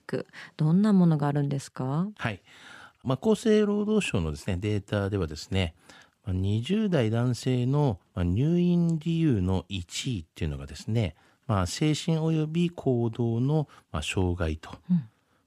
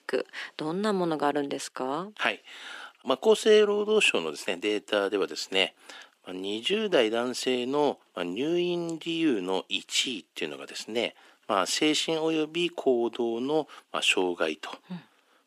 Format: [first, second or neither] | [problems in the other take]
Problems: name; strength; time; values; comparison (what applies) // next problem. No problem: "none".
first | thin; very; fading below 300 Hz